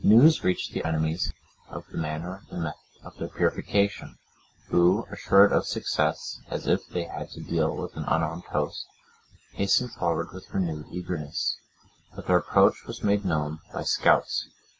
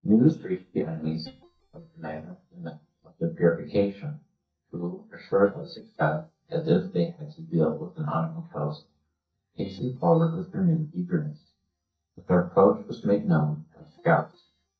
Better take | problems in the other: first | noise reduction (neural mask model DeepFilterNet 3)

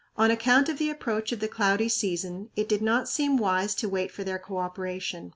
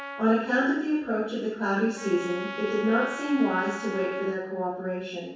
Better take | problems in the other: first | background sound (Trumpet); 13 dB below the speech // room echo; dies away in 0.7 s

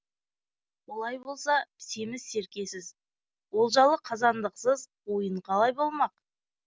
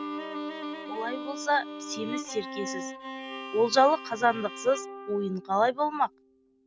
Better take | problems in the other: first | background sound (Bowed string instrument); 10 dB below the speech

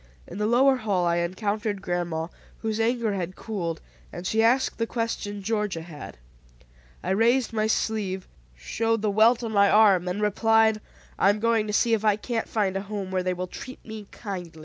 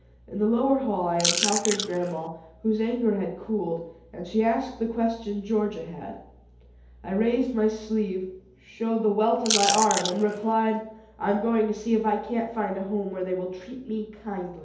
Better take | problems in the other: first | background sound (Chewing, mastication / Crushing); 1 dB below the speech // room echo; dies away in 2.2 s

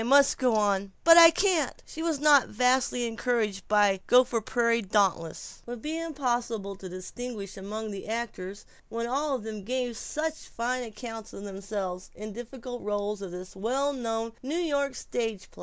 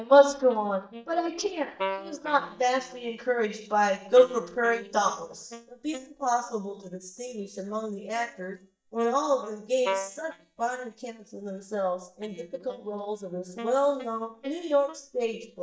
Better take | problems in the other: first | noise reduction (neural mask model DeepFilterNet 3)

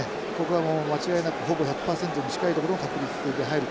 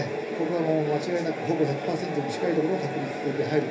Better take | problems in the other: first | room echo; dies away in 0.3 s

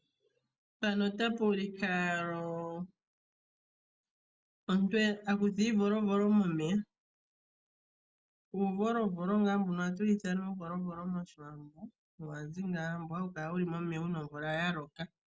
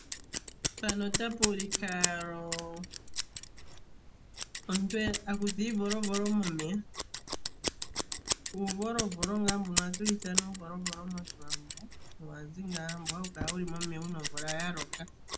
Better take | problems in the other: first | background sound (Scissors); 1 dB below the speech

